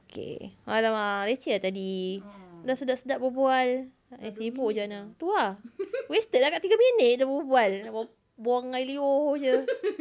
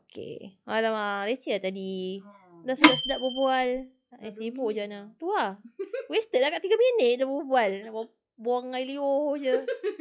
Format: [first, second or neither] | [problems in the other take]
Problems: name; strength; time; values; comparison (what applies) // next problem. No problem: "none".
first | noise reduction (classical method log-MMSE)